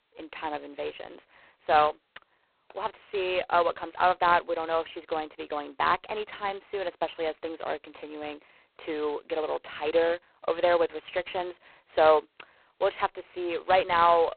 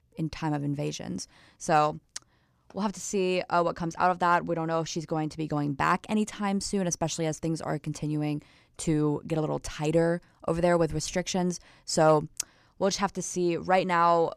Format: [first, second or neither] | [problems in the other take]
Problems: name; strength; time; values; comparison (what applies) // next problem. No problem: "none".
second | phone-call audio; poor line; nothing above 4 kHz